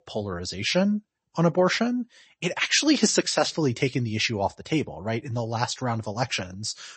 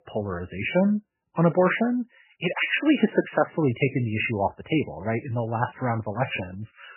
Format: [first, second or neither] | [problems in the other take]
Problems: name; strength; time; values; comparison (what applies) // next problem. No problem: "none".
first | garbled, watery; badly; nothing above 3 kHz; slightly in the first